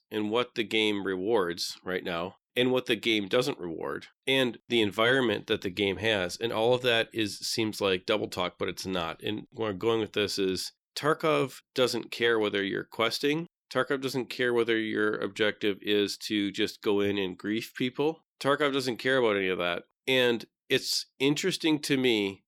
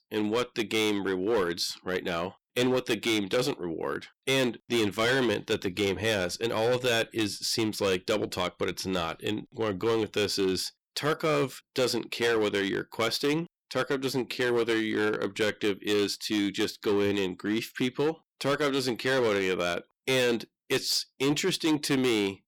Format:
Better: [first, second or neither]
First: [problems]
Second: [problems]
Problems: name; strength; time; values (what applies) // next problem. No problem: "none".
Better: first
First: none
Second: distortion; slight; 9% of the sound clipped